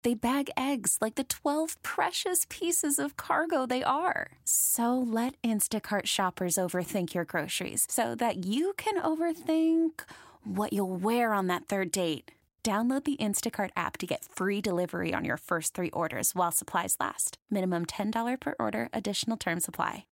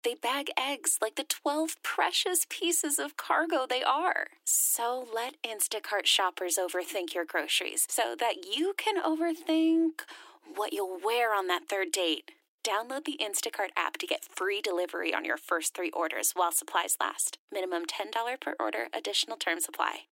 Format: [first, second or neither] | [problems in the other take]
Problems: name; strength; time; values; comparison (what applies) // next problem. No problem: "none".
first | thin; very; fading below 300 Hz